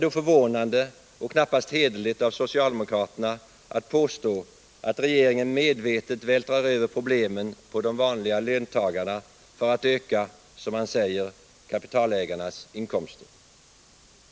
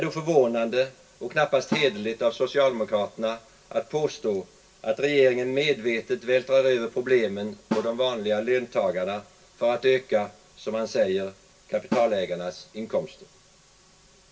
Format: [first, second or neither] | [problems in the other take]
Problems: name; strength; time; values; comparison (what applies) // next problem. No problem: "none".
first | background sound (Snare drum); 12 dB below the speech // room echo; dies away in 0.2 s